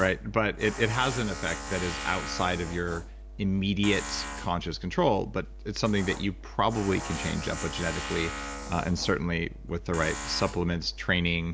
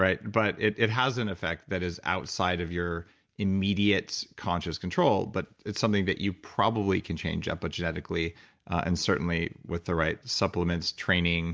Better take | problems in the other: second | background sound (Tools); 9 dB below the speech

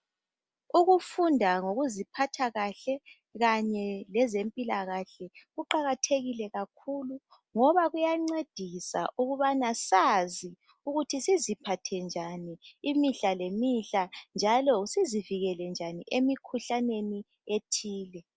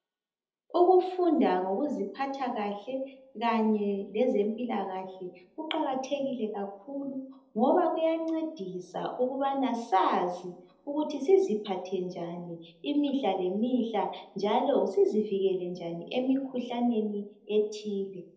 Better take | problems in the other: first | room echo; dies away in 0.8 s

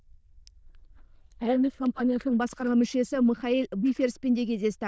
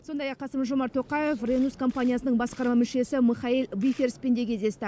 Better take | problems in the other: second | noise reduction (neural diffusion model UNIVERSE++)

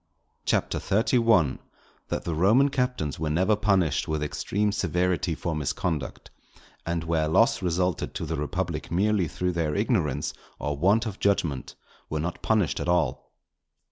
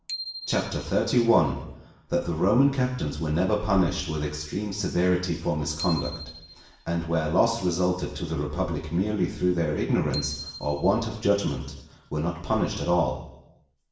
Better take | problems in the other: first | background sound (Bicycle bell); 17 dB below the speech // room echo; dies away in 0.8 s

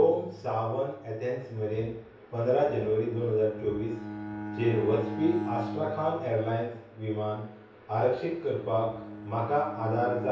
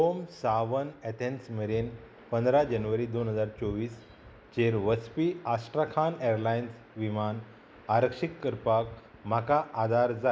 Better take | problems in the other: second | background sound (Bowed string instrument); 12 dB below the speech // room echo; dies away in 0.6 s

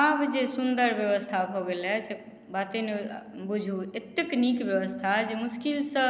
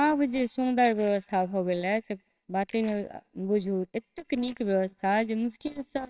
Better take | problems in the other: first | noise reduction (neural separator model SepFormer WHAMR!)

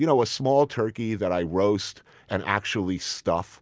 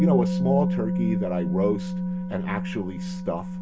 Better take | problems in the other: first | background sound (Musical instrument); 3 dB above the speech // room echo; dies away in 0.2 s

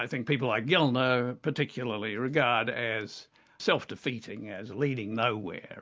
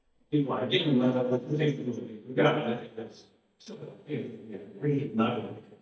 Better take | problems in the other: first | noise reduction (neural mask model DeepFilterNet 3)

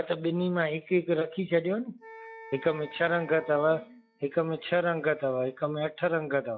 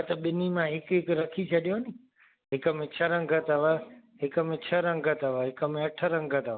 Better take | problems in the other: second | noise reduction (classical method log-MMSE)

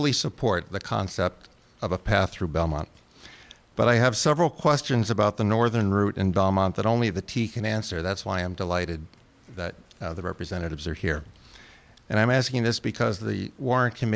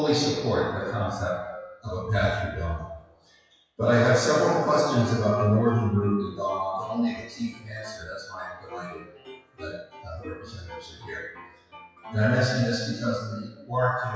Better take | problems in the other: first | noise reduction (classical method WPE with log-MMSE)

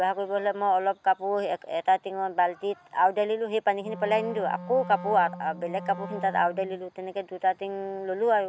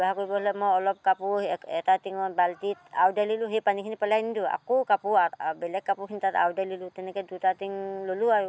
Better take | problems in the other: second | background sound (Wind instrument, woodwind instrument); 13 dB below the speech

